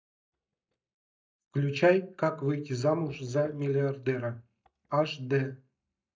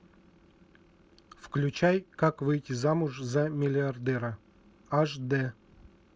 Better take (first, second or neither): second